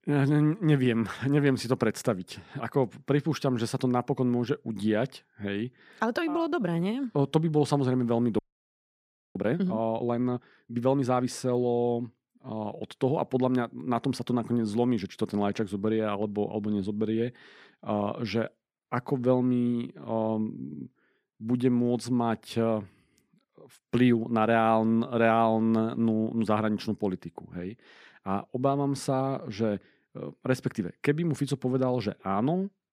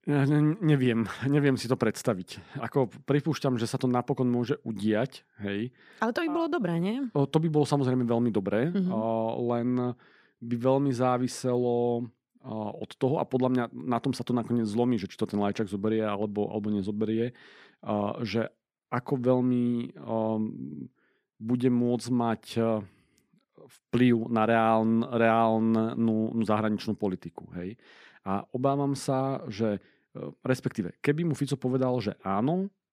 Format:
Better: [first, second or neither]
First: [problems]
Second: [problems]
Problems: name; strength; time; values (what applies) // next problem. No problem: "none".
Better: second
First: audio freezing; at 8.5 s for 1 s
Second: none